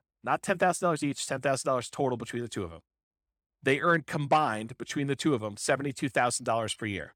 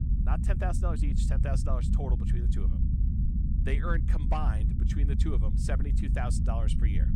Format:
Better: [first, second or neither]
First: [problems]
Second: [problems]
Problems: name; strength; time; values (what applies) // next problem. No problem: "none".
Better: first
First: none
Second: low rumble; loud; throughout; 5 dB below the speech